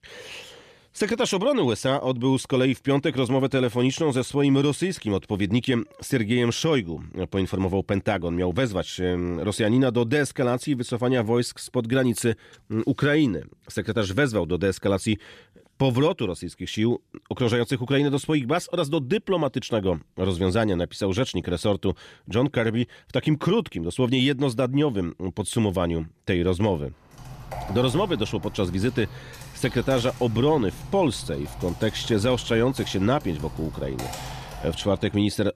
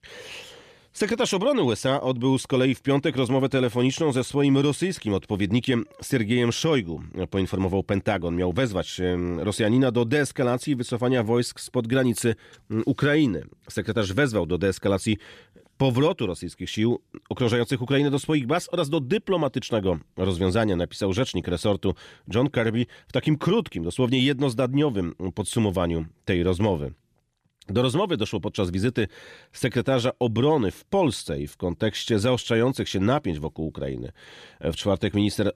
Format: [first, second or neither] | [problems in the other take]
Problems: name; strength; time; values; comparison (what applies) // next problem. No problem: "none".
second | keyboard typing; noticeable; from 27 s on; peak 10 dB below the speech